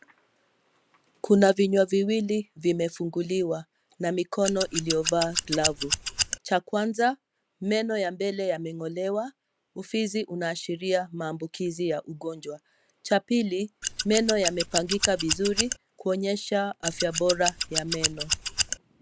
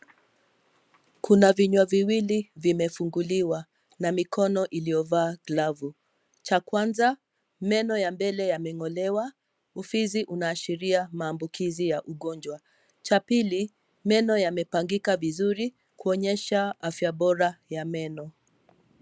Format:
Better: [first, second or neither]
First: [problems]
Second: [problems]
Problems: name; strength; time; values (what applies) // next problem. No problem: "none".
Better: second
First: background sound (Scissors); 2 dB below the speech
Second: none